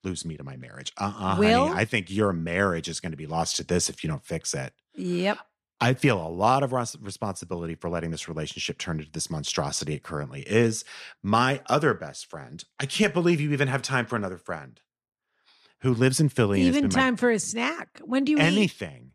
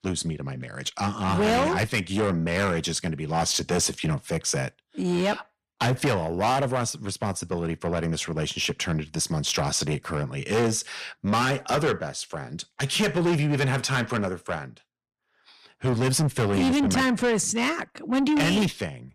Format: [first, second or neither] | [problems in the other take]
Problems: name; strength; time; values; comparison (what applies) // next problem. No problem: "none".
first | distortion; heavy; 6 dB below the speech